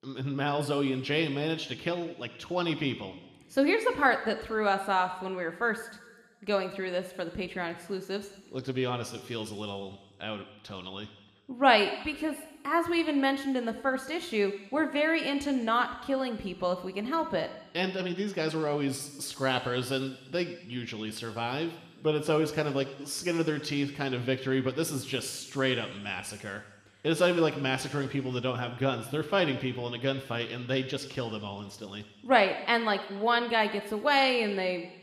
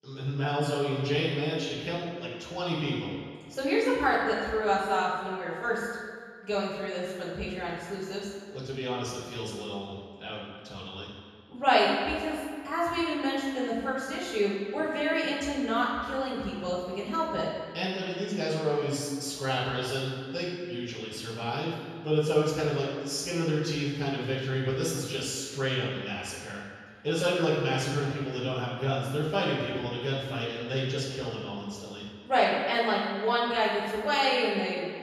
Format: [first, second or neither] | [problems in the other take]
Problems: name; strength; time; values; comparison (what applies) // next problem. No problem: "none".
first | room echo; strong; dies away in 1.7 s; slight in the first // off-mic speech; far